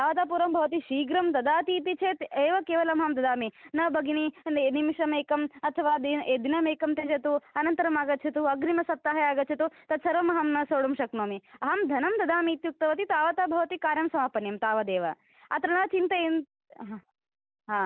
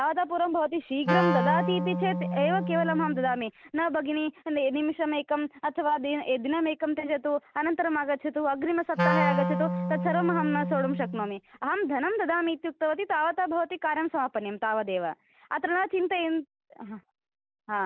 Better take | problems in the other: first | background sound (Wind instrument, woodwind instrument); 1 dB below the speech

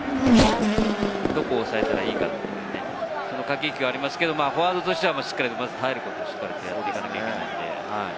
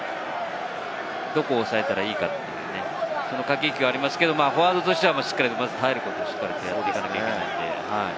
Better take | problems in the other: second | background sound (Race car, auto racing / Accelerating, revving, vroom); as loud as the speech

